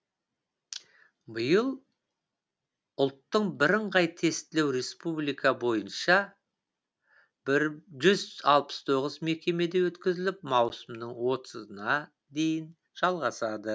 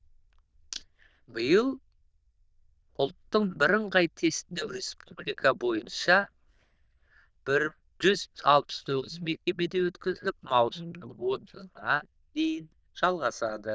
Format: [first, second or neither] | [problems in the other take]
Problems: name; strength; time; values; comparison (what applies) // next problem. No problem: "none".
first | noise reduction (neural diffusion model UNIVERSE++)